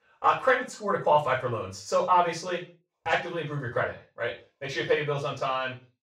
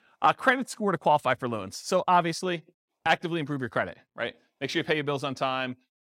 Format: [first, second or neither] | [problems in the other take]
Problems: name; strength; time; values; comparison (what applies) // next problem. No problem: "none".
second | room echo; noticeable; dies away in 0.3 s // off-mic speech; far